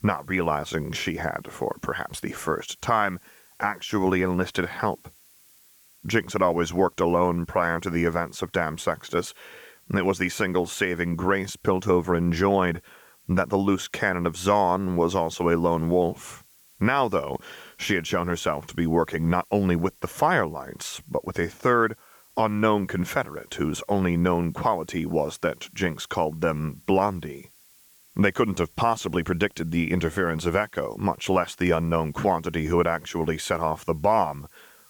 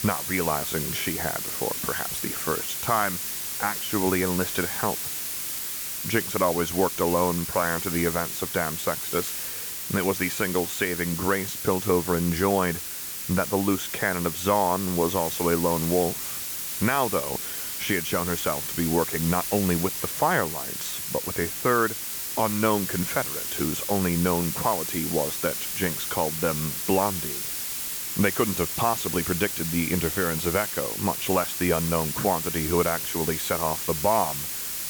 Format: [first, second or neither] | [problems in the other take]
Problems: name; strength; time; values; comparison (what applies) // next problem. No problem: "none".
first | hiss; loud; throughout; 2 dB below the speech; faint in the first